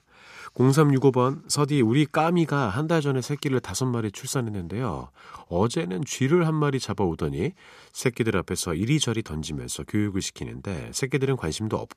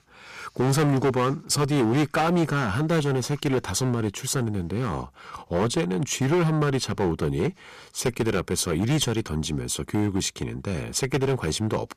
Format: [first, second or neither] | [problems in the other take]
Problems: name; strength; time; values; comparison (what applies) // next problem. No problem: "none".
first | distortion; heavy; 11% of the sound clipped